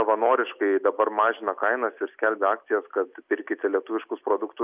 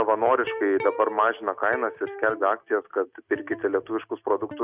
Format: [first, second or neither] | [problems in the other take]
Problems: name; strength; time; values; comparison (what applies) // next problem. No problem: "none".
first | noise reduction (neural mask model RNNoise)